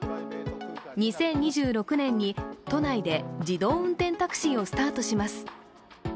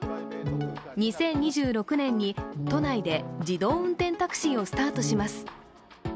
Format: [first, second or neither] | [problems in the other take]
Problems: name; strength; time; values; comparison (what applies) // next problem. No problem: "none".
first | background sound (Brass instrument); 8 dB below the speech